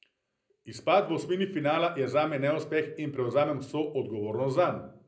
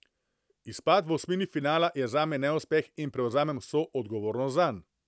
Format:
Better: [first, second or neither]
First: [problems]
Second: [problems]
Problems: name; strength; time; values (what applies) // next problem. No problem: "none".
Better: second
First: room echo; dies away in 0.5 s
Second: none